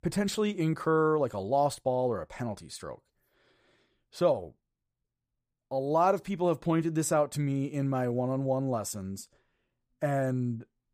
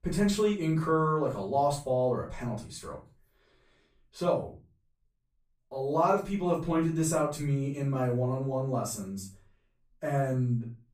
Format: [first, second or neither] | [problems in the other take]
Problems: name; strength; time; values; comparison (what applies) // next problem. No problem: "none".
first | off-mic speech; far // room echo; slight; dies away in 0.3 s